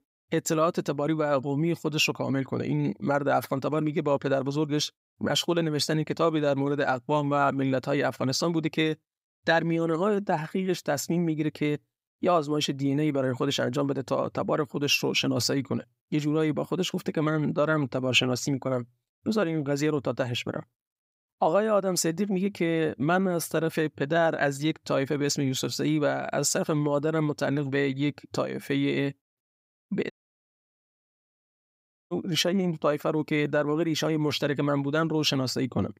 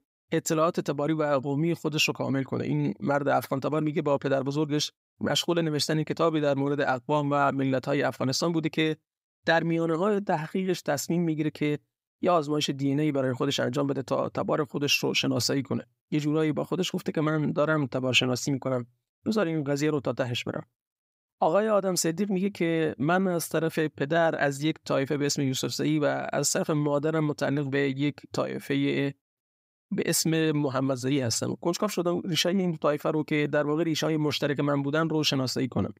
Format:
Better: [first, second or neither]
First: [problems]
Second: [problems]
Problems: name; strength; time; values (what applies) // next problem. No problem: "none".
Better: second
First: audio cutting out; at 30 s for 2 s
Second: none